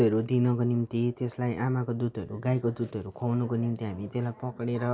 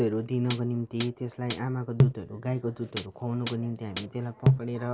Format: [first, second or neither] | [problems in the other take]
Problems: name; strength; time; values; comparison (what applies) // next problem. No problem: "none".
first | background sound (Hi-hat); 1 dB above the speech